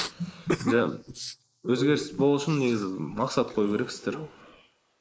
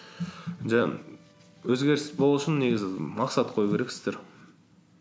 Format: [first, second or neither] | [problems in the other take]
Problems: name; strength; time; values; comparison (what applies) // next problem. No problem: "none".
second | noise reduction (neural mask model Resemble Enhance denoiser)